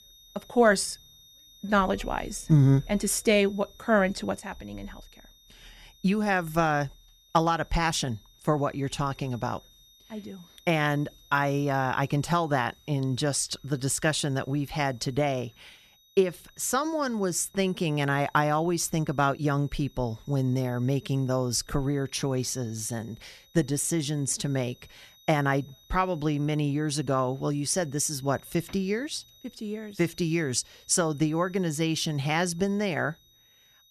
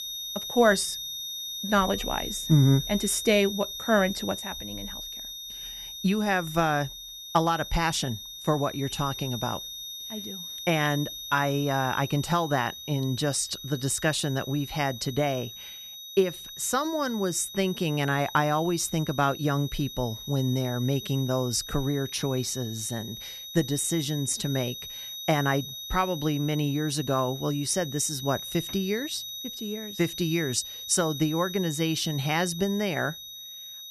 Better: first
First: high-pitched whine; faint; throughout; 3.5 kHz, 30 dB below the speech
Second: high-pitched whine; loud; throughout; 3.5 kHz, 9 dB below the speech

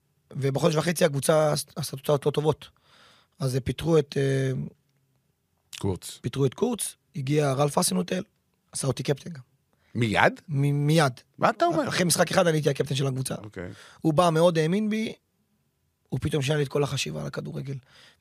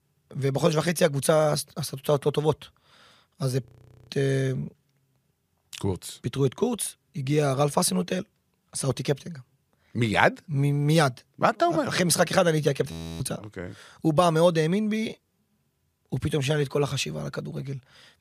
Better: first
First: none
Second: audio freezing; at 3.5 s and at 13 s

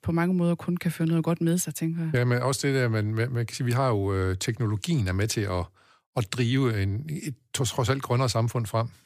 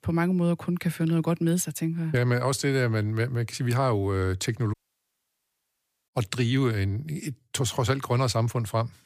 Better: first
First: none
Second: audio cutting out; at 4.5 s for 1.5 s

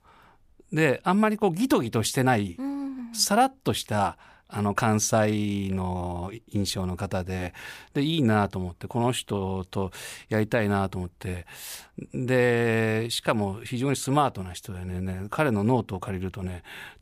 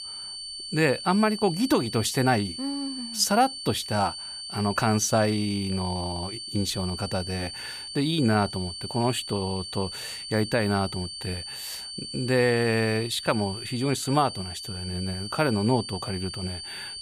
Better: first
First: none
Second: high-pitched whine; loud; throughout; 4.5 kHz, 8 dB below the speech

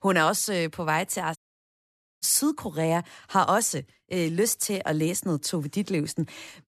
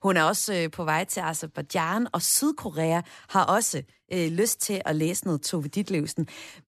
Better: second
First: audio cutting out; at 1.5 s for 1 s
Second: none

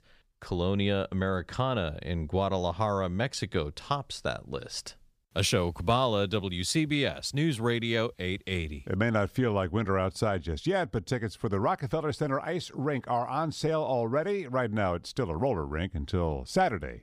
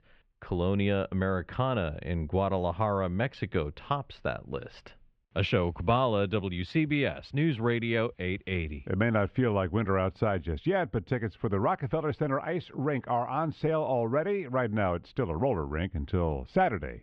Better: first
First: none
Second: muffled; very; fading above 2.5 kHz

